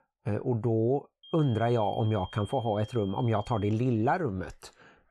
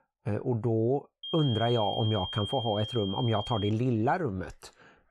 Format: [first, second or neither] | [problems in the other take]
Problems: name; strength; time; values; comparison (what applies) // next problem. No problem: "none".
first | high-pitched whine; loud; from 1 to 3.5 s; 3 kHz, 7 dB below the speech; faint in the first